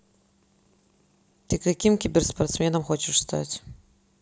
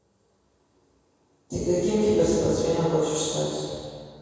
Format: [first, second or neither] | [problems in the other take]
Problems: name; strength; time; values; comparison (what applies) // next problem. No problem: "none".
first | room echo; dies away in 2.2 s